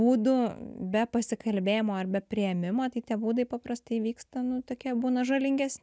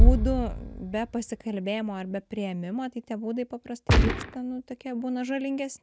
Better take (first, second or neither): first